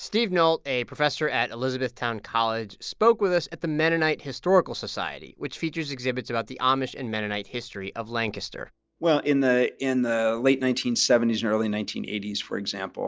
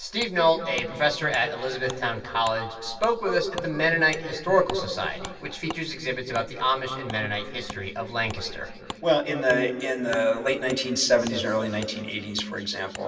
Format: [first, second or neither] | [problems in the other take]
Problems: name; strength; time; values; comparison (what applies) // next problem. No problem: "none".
first | background sound (Wood); 18 dB below the speech // room echo; dies away in 2.6 s